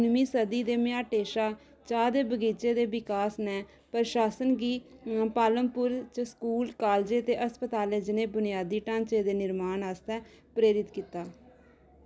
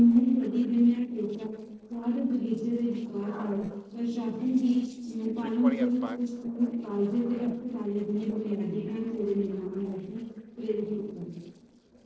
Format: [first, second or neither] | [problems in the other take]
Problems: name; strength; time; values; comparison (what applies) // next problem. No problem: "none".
first | noise reduction (neural separator model SepFormer DNS4)